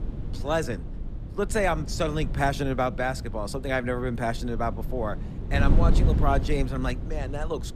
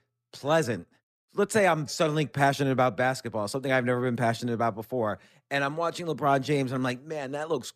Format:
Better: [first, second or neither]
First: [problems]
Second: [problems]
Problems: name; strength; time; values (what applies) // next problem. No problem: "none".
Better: second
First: wind noise on the microphone; occasional gusts; 15 dB below the speech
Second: none